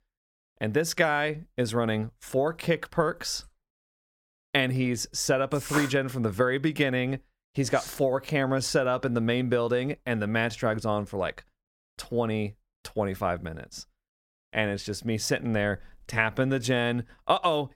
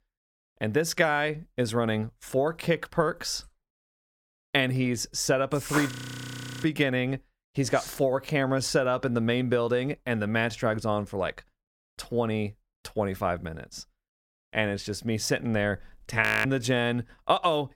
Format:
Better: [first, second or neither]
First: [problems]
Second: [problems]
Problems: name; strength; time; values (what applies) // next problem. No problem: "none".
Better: first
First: none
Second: audio freezing; at 6 s for 0.5 s and at 16 s